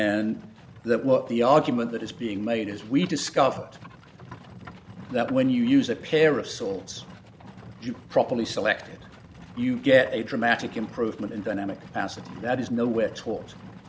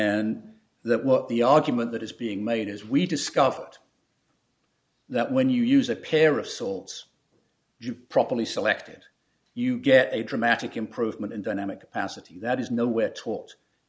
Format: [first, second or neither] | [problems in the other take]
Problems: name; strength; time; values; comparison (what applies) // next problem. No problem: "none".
second | background sound (Livestock, farm animals, working animals); 18 dB below the speech